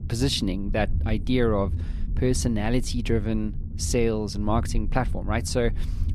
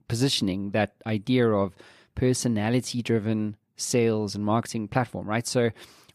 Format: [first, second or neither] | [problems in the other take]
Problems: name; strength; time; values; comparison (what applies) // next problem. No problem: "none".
second | low rumble; noticeable; throughout; 20 dB below the speech